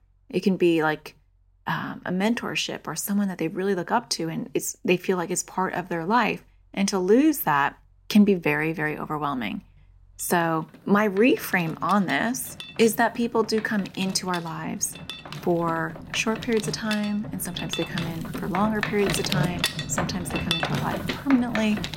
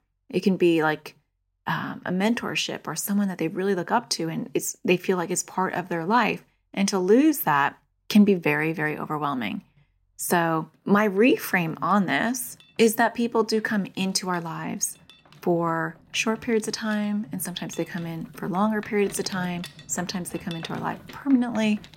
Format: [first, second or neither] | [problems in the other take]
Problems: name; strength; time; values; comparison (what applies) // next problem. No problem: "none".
second | machinery noise; loud; throughout; 7 dB below the speech; faint in the second